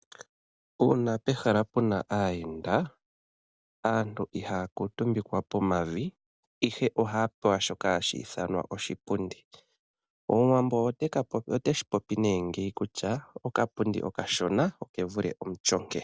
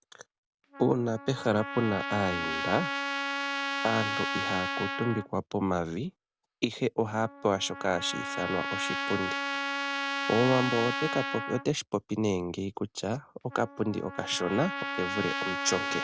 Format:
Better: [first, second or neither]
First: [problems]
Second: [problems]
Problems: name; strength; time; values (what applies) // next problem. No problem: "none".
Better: first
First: none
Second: background sound (Trumpet); 4 dB below the speech